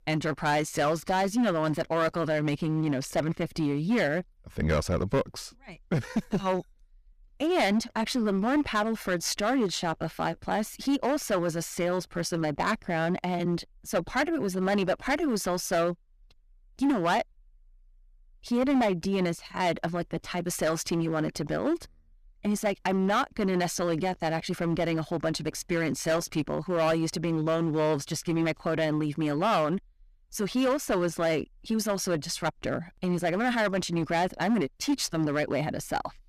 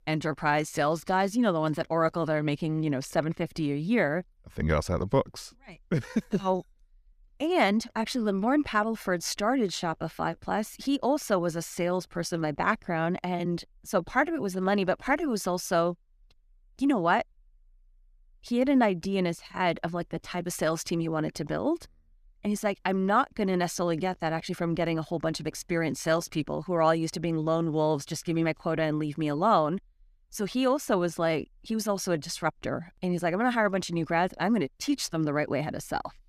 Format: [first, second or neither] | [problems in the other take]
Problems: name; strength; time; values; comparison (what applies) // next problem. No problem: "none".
second | distortion; slight; 8% of the sound clipped